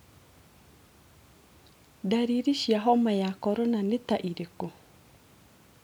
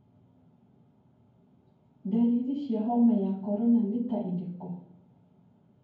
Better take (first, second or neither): first